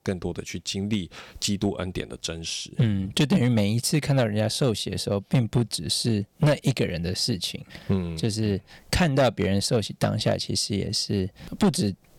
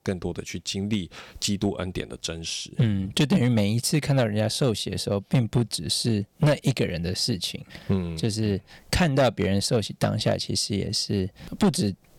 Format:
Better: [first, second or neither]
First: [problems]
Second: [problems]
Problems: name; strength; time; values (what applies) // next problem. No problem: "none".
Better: neither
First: distortion; slight; 3% of the sound clipped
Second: distortion; slight; 3% of the sound clipped